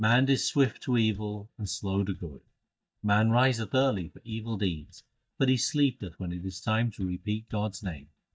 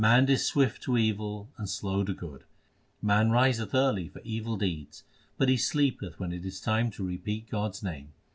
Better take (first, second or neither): second